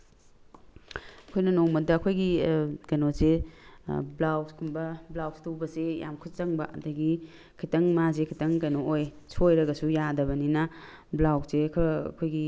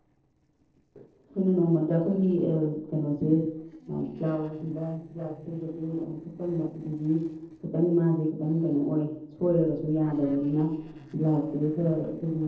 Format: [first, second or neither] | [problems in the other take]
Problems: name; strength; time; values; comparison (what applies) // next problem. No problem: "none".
first | noise reduction (neural separator model SepFormer DNS4)